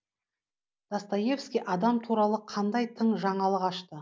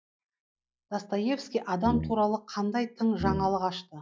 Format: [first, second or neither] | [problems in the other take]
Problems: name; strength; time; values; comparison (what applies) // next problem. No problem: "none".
first | noise reduction (classical method log-MMSE)